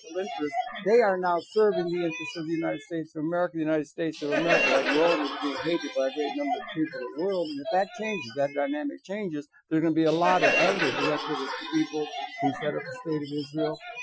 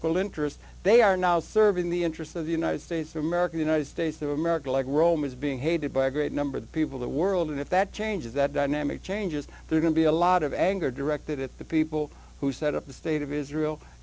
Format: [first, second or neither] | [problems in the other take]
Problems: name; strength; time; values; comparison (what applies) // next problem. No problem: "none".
second | noise reduction (classical method Wiener filter)